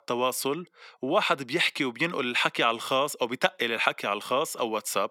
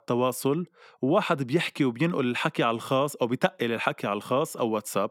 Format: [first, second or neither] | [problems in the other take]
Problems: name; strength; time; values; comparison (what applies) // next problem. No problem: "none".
second | thin; very slightly; fading below 650 Hz